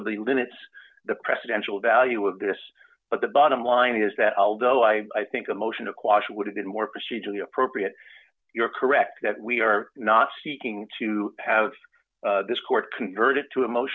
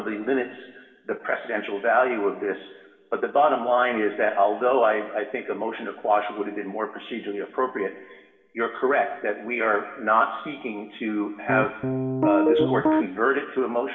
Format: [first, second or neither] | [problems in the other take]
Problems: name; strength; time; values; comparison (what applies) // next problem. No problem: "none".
first | background sound (Piano); 2 dB above the speech // room echo; dies away in 1.1 s